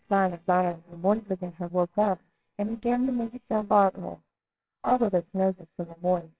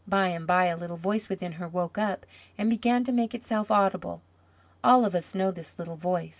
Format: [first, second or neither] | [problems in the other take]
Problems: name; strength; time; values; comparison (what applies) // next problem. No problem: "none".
second | noise reduction (neural separator model SepFormer WHAMR!)